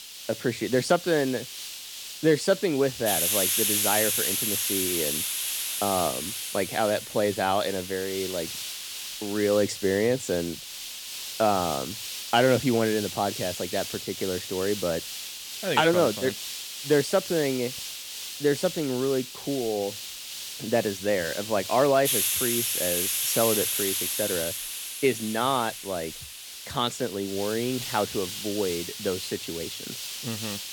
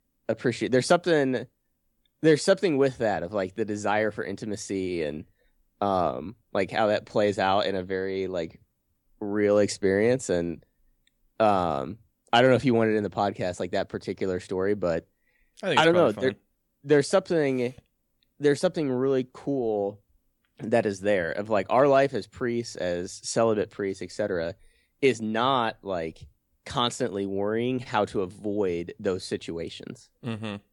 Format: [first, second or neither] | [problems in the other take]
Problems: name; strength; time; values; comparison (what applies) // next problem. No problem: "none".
second | hiss; loud; throughout; 3 dB below the speech